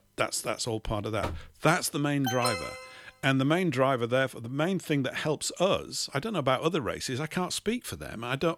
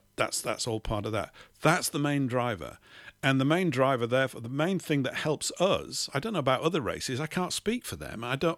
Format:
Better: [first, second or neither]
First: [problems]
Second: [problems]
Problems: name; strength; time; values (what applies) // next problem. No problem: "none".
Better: second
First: door banging; noticeable; at 1 s; peak 8 dB below the speech // alarm; noticeable; at 2 s; peak 2 dB below the speech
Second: none